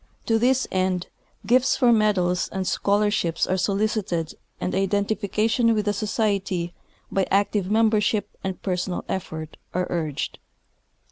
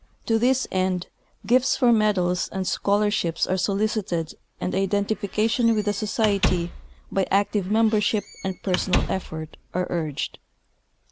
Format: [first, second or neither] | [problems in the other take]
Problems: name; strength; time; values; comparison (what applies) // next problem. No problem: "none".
first | background sound (Squeak / Slam); 7 dB below the speech